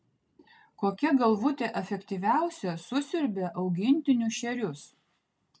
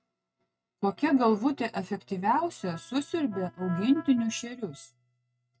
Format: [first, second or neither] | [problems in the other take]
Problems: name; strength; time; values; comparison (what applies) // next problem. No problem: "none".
first | noise reduction (neural mask model RNNoise)